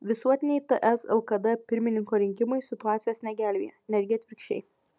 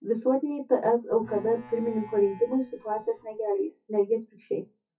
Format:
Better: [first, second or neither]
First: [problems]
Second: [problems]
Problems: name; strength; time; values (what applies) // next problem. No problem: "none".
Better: first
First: none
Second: noise reduction (classical method WPE with log-MMSE)